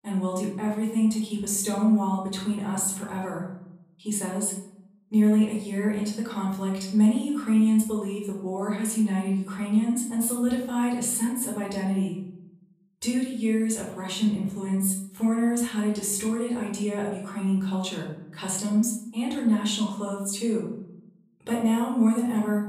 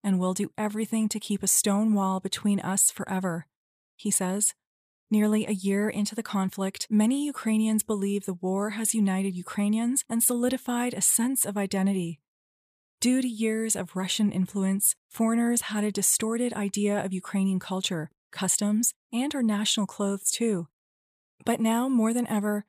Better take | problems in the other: second | room echo; noticeable; dies away in 0.7 s // off-mic speech; far

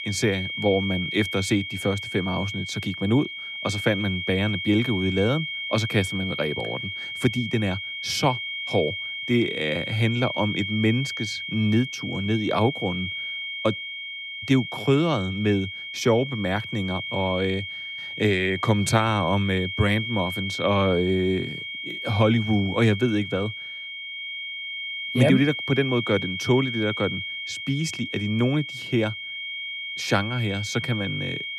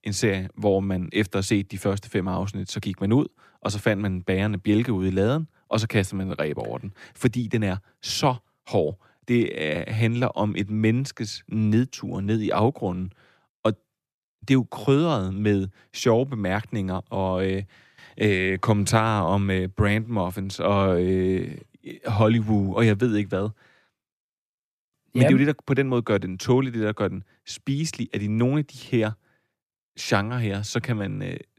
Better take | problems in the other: second | high-pitched whine; loud; throughout; 2 kHz, 5 dB below the speech

